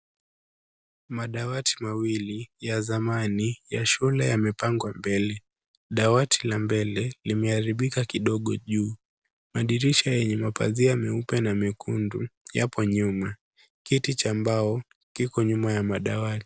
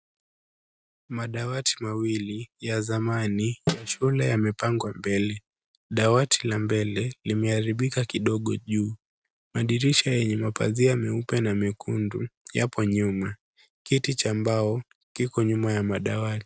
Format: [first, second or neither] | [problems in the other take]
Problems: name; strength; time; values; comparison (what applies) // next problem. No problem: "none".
first | noise reduction (neural mask model RNNoise)